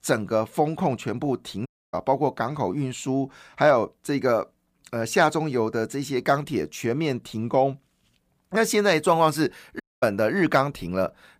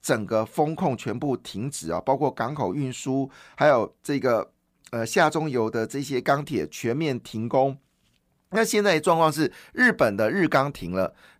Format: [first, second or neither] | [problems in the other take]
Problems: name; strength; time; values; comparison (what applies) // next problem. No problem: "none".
second | audio cutting out; at 1.5 s and at 10 s